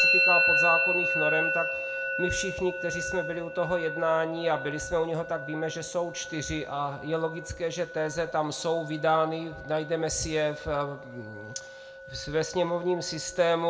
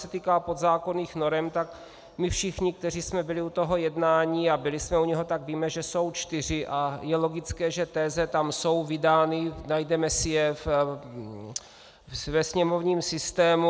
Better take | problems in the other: second | background sound (Musical instrument); 2 dB below the speech // room echo; dies away in 0.3 s

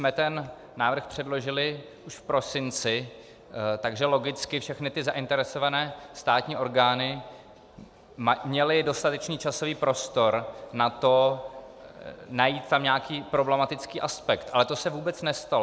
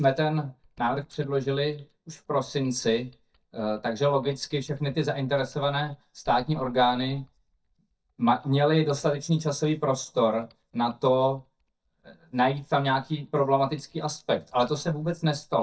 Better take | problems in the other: first | noise reduction (neural mask model DeepFilterNet 3)

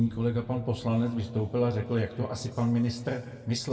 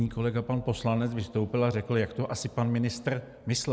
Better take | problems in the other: second | room echo; dies away in 1.5 s

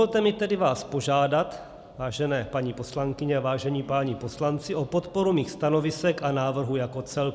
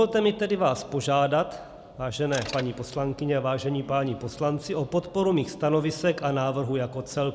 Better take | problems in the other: first | background sound (Mechanisms); 17 dB below the speech

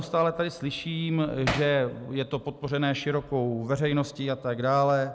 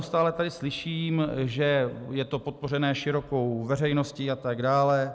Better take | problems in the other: second | background sound (Hammer); 4 dB below the speech

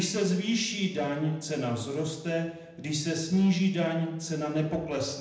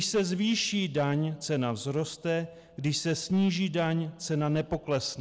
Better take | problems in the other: second | room echo; dies away in 0.8 s

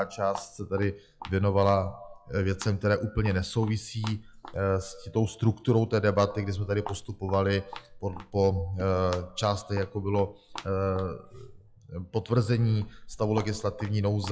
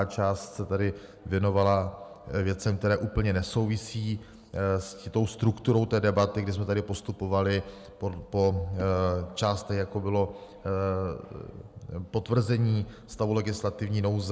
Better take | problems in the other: second | noise reduction (classical method log-MMSE)

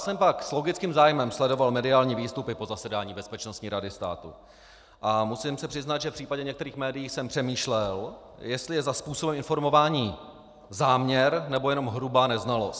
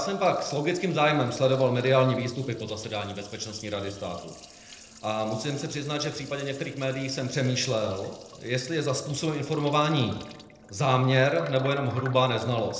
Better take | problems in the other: first | noise reduction (neural separator model SepFormer DNS4)

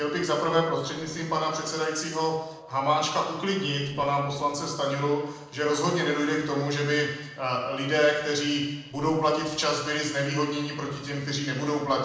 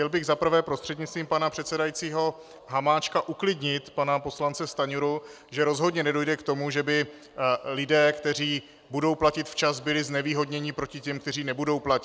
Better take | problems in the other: second | noise reduction (neural separator model SepFormer DNS4)

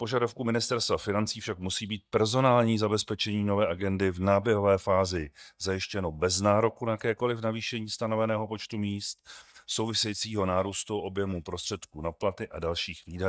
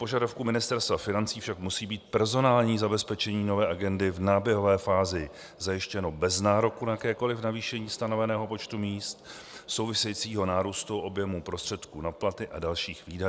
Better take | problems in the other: second | noise reduction (neural mask model DeepFilterNet 3)

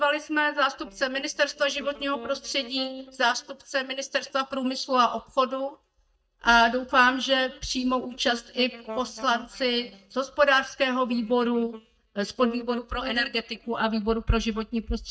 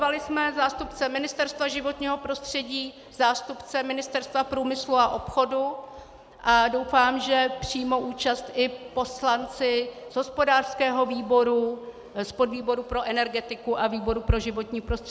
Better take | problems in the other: second | noise reduction (neural mask model DeepFilterNet 3)

